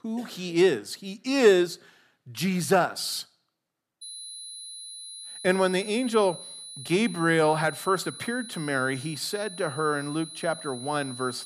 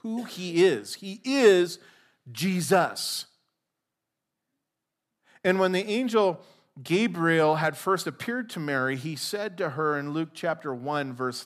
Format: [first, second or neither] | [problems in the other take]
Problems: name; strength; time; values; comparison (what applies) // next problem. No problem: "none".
second | high-pitched whine; noticeable; from 4 s on; 4 kHz, 15 dB below the speech